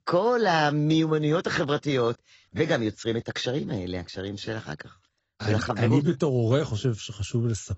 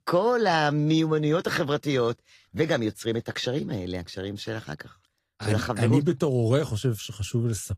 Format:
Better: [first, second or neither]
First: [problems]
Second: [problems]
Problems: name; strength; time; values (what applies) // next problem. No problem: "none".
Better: second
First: garbled, watery; badly; nothing above 8 kHz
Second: garbled, watery; slightly; nothing above 15 kHz